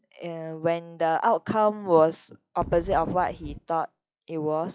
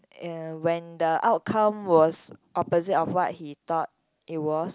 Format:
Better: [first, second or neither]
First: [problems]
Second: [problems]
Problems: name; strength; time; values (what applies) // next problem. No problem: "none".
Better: second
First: noise reduction (classical method log-MMSE)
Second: none